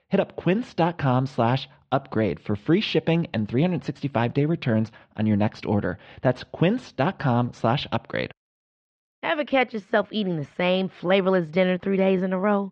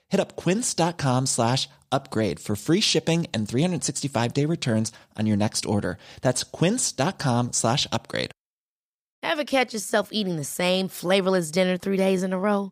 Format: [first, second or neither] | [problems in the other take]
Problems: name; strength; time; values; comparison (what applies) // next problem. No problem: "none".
second | muffled; very; fading above 3 kHz